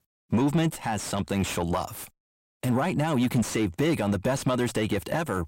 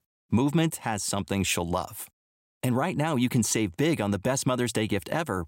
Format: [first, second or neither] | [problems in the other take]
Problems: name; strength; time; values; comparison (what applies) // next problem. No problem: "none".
second | distortion; slight; 10 dB below the speech